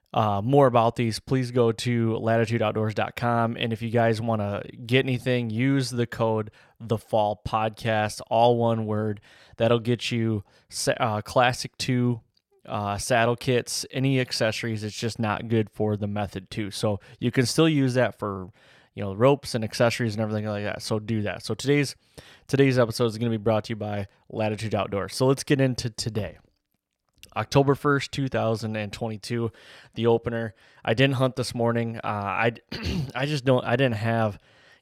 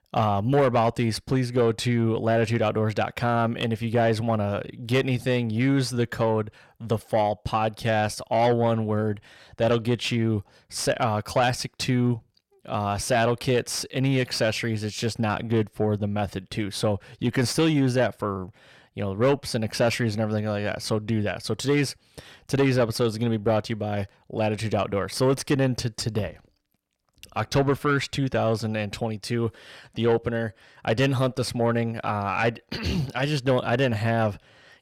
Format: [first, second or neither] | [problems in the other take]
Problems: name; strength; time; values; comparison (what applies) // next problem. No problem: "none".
first | distortion; slight; 10 dB below the speech